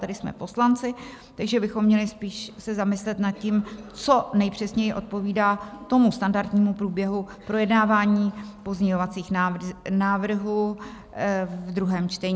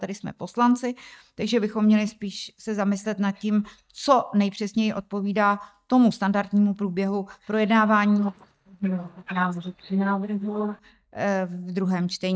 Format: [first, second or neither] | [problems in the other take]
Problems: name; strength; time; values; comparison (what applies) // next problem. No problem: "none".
first | noise reduction (neural mask model DeepFilterNet 3)